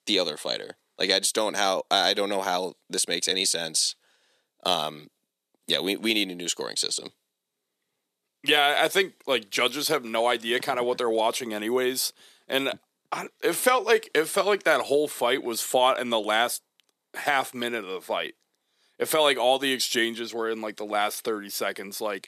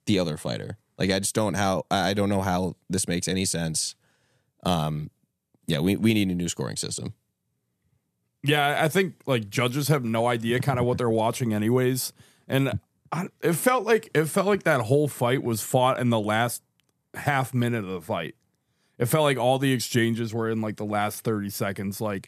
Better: second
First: thin; somewhat; fading below 350 Hz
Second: none

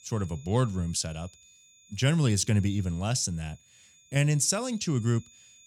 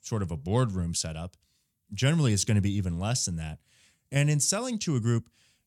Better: second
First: high-pitched whine; faint; throughout; 7 kHz, 25 dB below the speech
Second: none

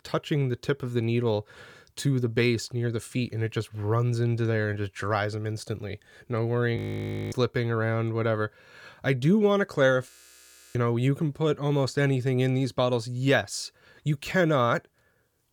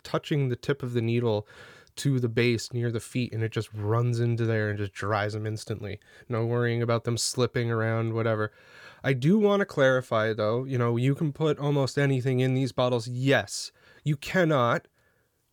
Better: second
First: audio freezing; at 7 s for 0.5 s and at 10 s for 0.5 s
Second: none

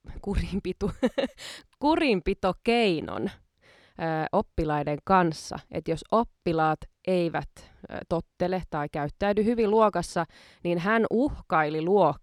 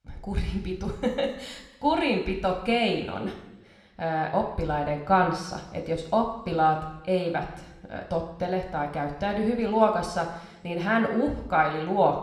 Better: first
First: none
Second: room echo; slight; dies away in 1 s

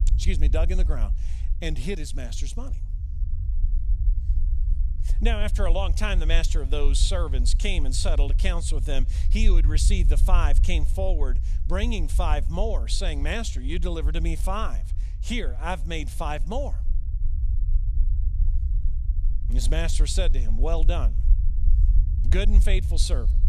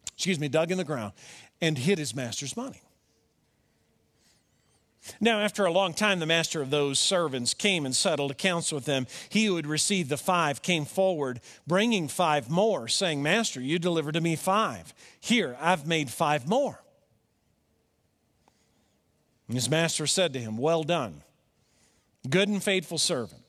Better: second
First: low rumble; noticeable; throughout; 15 dB below the speech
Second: none

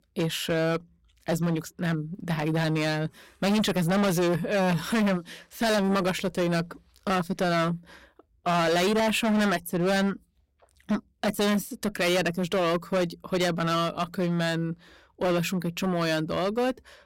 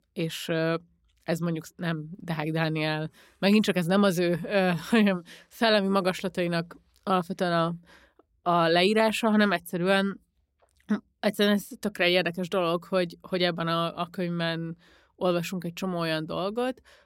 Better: second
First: distortion; heavy; 16% of the sound clipped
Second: none

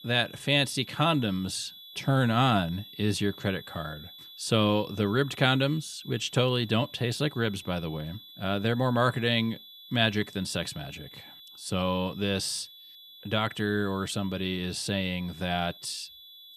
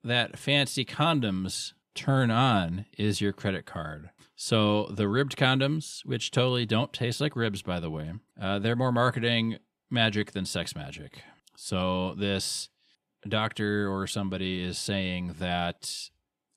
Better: second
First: high-pitched whine; noticeable; throughout; 3.5 kHz, 20 dB below the speech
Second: none

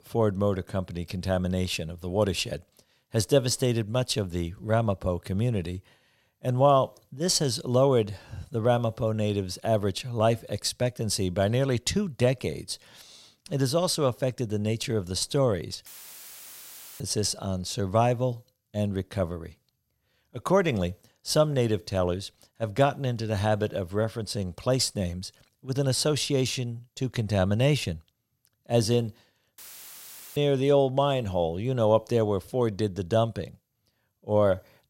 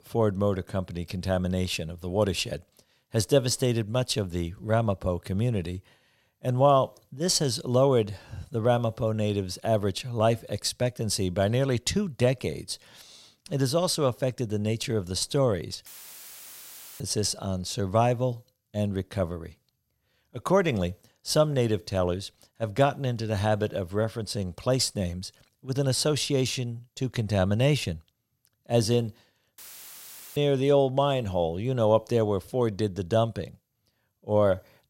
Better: neither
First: audio cutting out; filled with static; at 16 s for 1 s and at 30 s for 1 s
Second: audio cutting out; filled with static; at 16 s for 1 s and at 30 s for 1 s

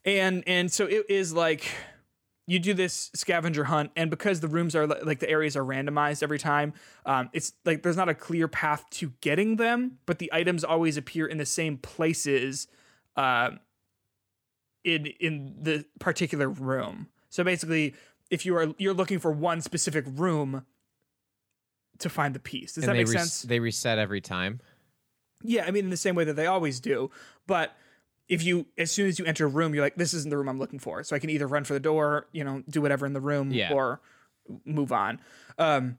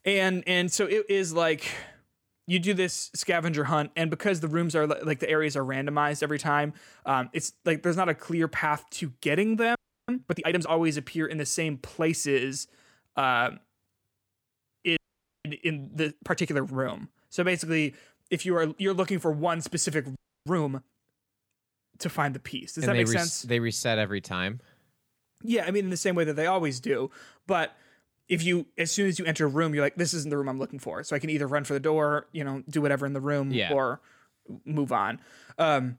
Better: first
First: none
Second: audio freezing; at 10 s, at 15 s and at 20 s

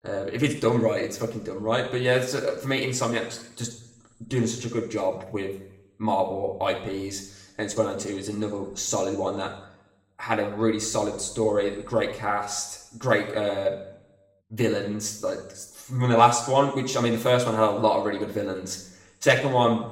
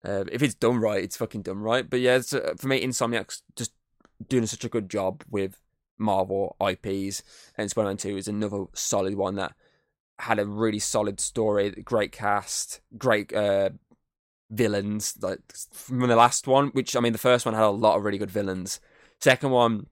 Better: second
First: room echo; slight; dies away in 0.8 s // off-mic speech; somewhat distant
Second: none

